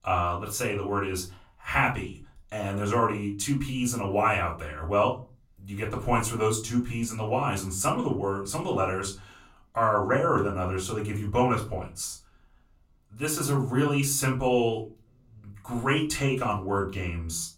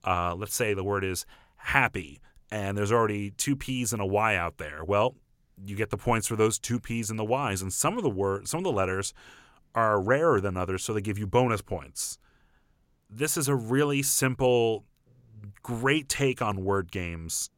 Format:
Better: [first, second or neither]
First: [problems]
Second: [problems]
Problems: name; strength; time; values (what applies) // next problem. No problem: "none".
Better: second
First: off-mic speech; far // room echo; very slight; dies away in 0.3 s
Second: none